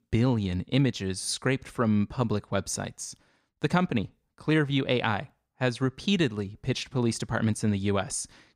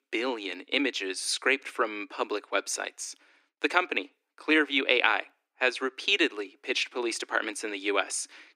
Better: first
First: none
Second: thin; very; fading below 300 Hz

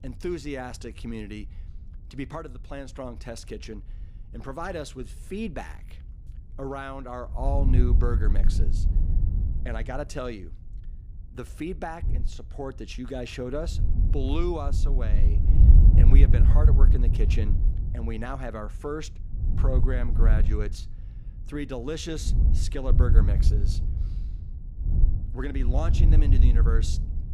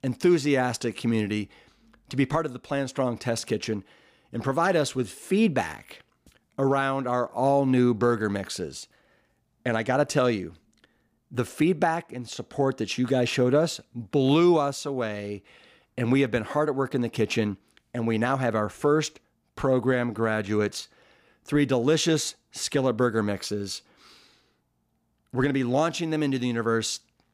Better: second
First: wind noise on the microphone; heavy; 5 dB below the speech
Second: none

